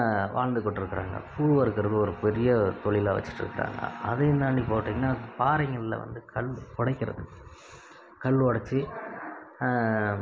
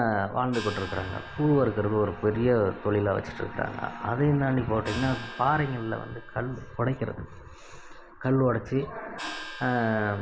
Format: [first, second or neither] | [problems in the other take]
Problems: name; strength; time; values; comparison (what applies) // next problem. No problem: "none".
first | background sound (Gong); 16 dB below the speech